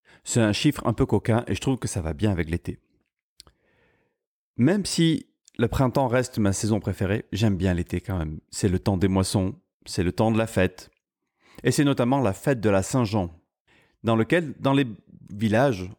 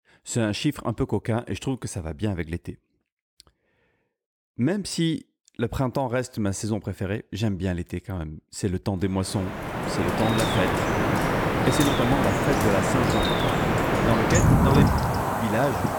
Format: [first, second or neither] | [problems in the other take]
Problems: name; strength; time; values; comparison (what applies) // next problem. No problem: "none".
first | rain or running water; very loud; from 10 s on; 4 dB above the speech